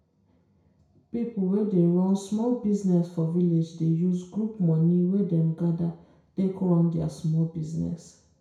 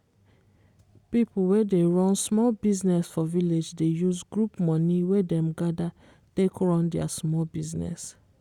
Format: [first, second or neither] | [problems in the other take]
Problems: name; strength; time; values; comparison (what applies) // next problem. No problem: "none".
second | room echo; dies away in 0.6 s